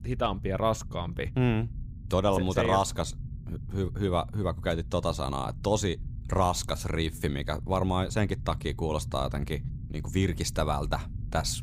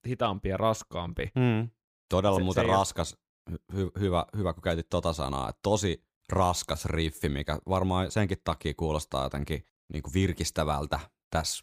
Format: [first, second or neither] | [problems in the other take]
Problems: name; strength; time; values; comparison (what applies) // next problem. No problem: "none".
second | low rumble; faint; throughout; 20 dB below the speech